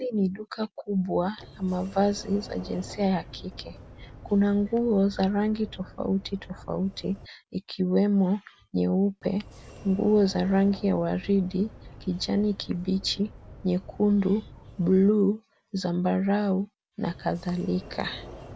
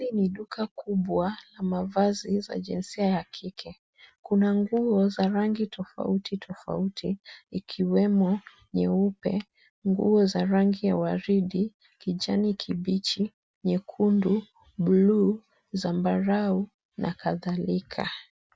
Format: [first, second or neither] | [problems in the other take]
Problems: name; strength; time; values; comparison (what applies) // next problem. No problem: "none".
second | background sound (Sliding door); 19 dB below the speech